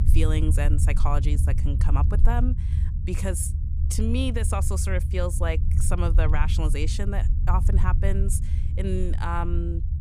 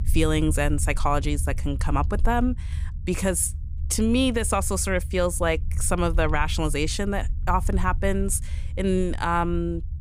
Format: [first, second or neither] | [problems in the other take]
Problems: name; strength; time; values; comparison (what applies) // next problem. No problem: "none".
second | low rumble; loud; throughout; 9 dB below the speech; faint in the second